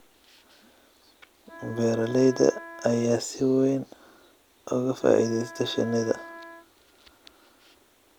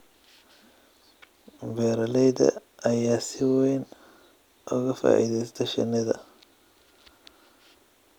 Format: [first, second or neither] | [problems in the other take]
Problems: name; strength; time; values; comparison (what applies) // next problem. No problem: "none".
second | background sound (Wind instrument, woodwind instrument); 16 dB below the speech